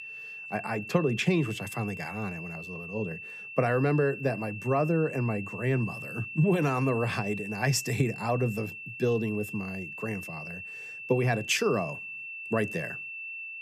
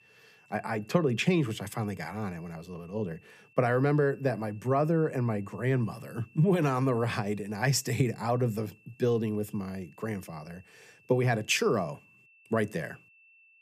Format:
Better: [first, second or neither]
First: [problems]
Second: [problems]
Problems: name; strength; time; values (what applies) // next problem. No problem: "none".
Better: second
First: high-pitched whine; loud; throughout; 2.5 kHz, 9 dB below the speech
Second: high-pitched whine; faint; throughout; 2.5 kHz, 30 dB below the speech